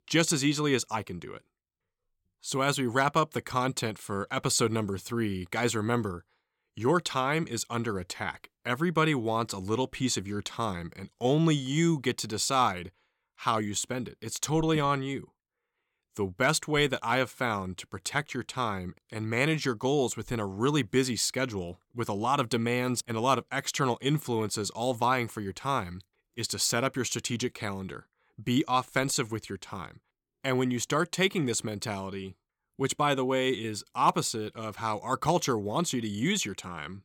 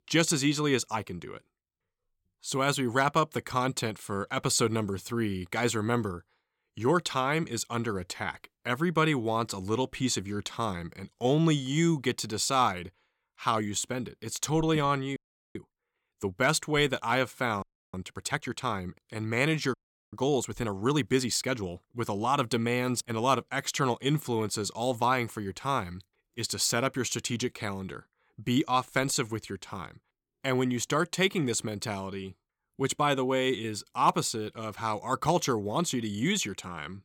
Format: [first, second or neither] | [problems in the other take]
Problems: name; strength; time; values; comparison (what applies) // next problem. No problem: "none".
first | audio freezing; at 15 s, at 18 s and at 20 s